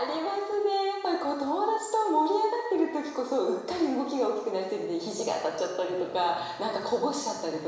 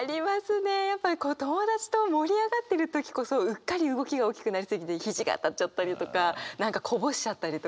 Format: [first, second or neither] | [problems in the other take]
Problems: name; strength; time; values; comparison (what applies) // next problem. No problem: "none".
second | room echo; dies away in 1 s